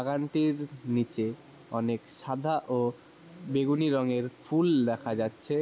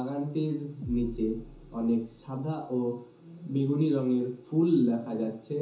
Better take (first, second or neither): first